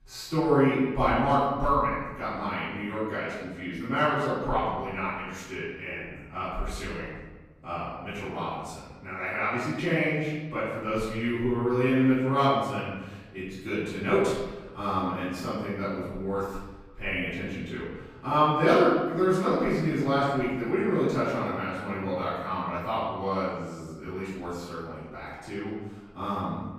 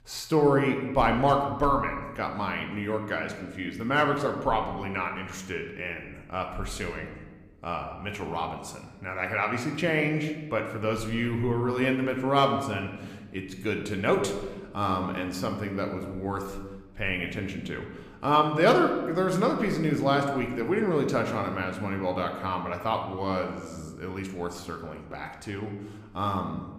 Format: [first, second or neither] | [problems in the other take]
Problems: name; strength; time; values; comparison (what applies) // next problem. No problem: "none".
second | room echo; strong; dies away in 1.1 s; slight in the second // off-mic speech; far